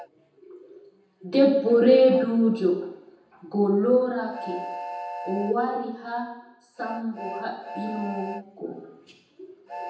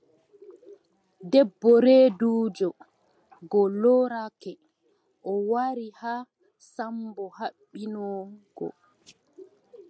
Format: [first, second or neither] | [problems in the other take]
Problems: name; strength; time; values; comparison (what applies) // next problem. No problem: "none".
second | background sound (Train); 15 dB below the speech // room echo; dies away in 0.9 s